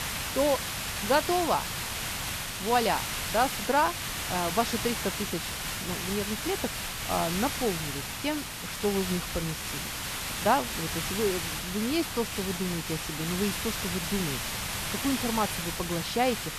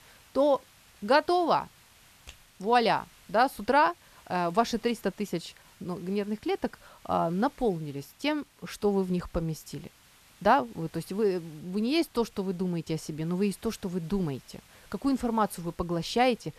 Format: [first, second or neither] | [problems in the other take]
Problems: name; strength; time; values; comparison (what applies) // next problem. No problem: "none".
second | hiss; loud; throughout; 1 dB below the speech; faint in the second